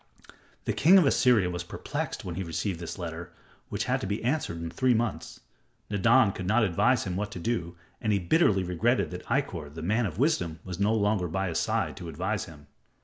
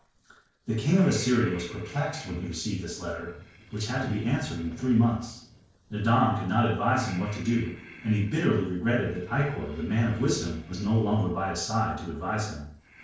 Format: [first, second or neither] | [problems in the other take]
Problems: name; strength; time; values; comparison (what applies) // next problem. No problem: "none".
first | noise reduction (neural separator model SepFormer DNS4)